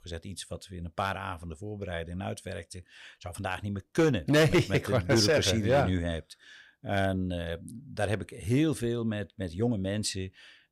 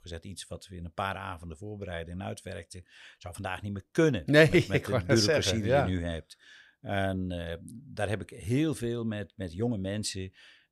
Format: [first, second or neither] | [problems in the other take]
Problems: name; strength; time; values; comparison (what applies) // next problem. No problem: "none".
second | distortion; slight; 2% of the sound clipped